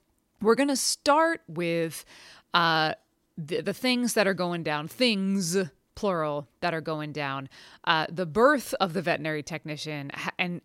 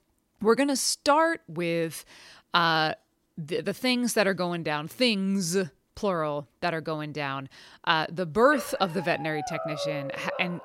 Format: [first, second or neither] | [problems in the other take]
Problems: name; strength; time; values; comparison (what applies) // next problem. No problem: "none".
first | dog barking; noticeable; from 8.5 s on; peak 6 dB below the speech